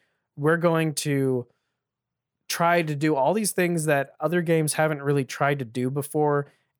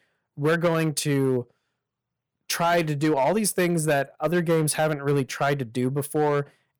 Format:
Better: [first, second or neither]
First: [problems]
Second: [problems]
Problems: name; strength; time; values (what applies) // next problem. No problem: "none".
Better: first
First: none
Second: distortion; slight; 5% of the sound clipped